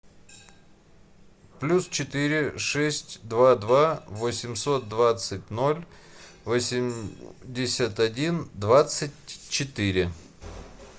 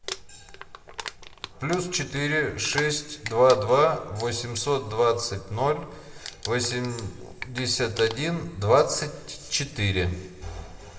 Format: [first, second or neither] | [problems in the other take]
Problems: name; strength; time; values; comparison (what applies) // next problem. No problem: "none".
first | background sound (Crumpling, crinkling); 16 dB below the speech // room echo; dies away in 1 s